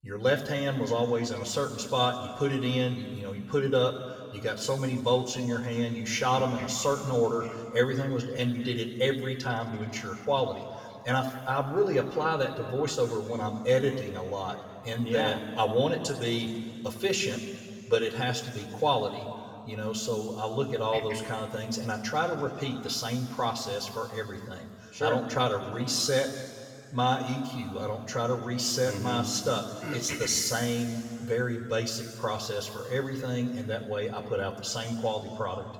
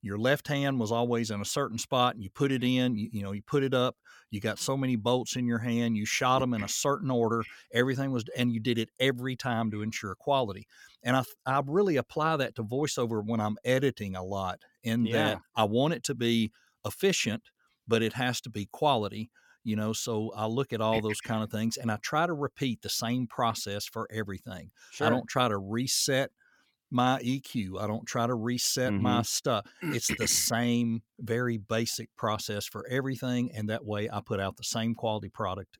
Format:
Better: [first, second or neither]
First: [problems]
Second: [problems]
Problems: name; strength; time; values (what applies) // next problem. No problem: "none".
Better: second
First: room echo; noticeable; dies away in 2.1 s // off-mic speech; somewhat distant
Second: none